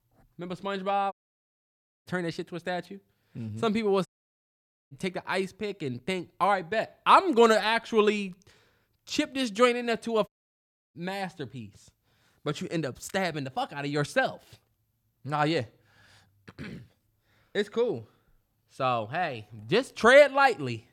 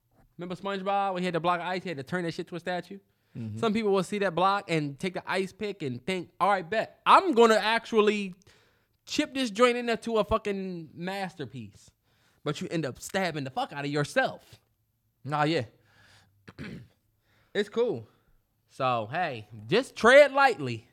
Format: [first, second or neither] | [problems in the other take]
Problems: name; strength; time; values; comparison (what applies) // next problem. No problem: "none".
second | audio cutting out; at 1 s for 1 s, at 4 s for 1 s and at 10 s for 0.5 s